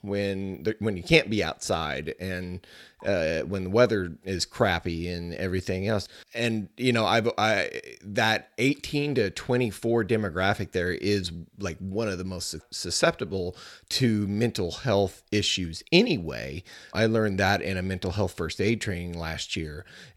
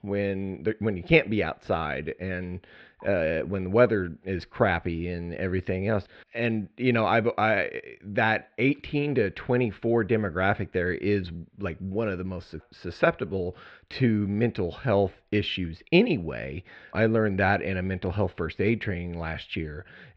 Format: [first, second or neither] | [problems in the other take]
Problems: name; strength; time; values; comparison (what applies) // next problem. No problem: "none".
first | muffled; very; fading above 3 kHz